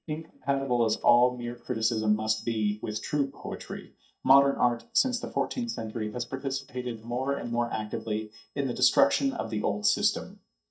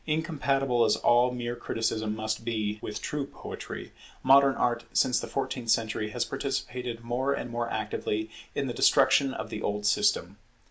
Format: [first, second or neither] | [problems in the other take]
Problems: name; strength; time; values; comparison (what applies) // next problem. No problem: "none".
second | noise reduction (neural mask model DeepFilterNet 3)